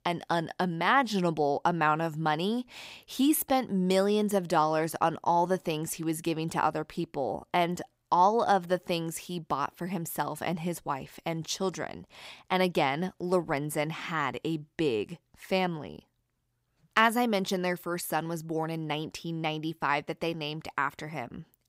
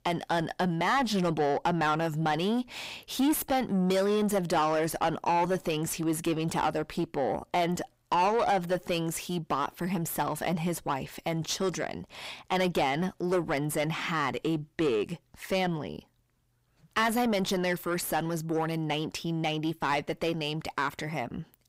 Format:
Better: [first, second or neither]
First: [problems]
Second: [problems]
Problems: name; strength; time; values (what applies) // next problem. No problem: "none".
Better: first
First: none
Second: distortion; heavy; 7 dB below the speech